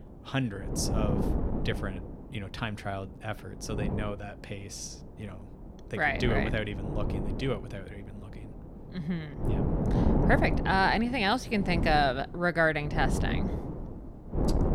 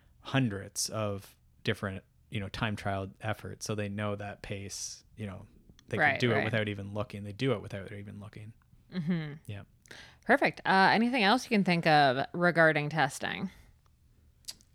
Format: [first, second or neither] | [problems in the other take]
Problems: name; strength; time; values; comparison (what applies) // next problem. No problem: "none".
second | wind noise on the microphone; heavy; 8 dB below the speech